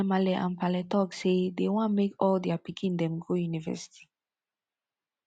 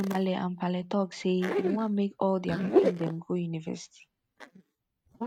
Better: first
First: none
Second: noise reduction (neural mask model RNNoise)

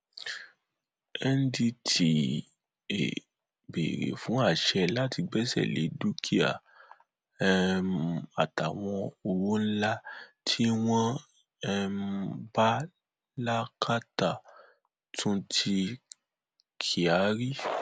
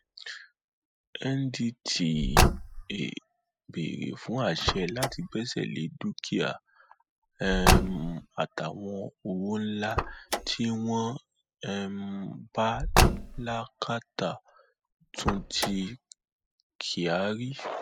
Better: first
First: none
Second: noise reduction (classical method spectral subtraction)

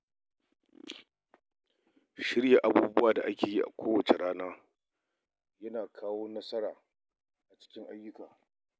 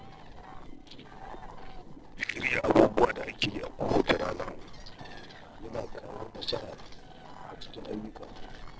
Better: first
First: none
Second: noise reduction (neural separator model SepFormer DNS4)

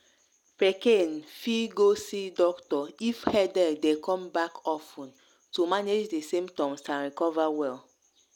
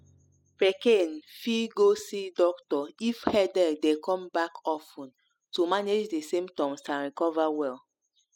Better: first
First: none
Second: noise reduction (classical method spectral subtraction)

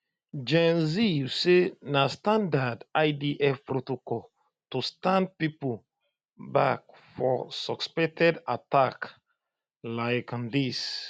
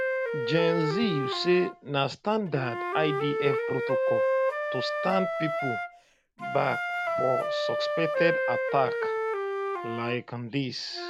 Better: first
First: none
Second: background sound (Wind instrument, woodwind instrument); as loud as the speech

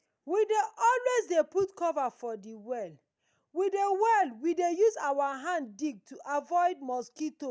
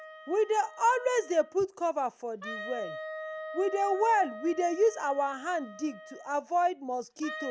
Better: first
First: none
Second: background sound (Wind instrument, woodwind instrument); 13 dB below the speech

